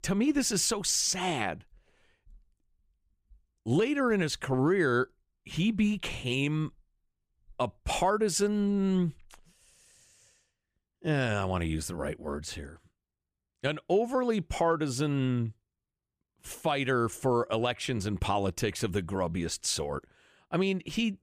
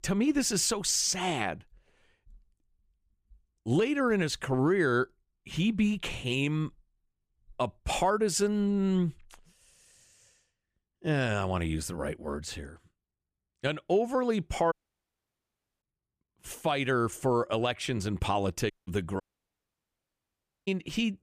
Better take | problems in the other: first | audio cutting out; at 15 s for 1 s and at 19 s for 1.5 s

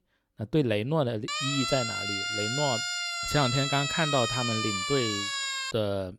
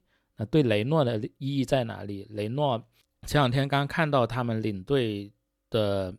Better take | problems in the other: second | siren; loud; from 1.5 s on; peak 1 dB above the speech

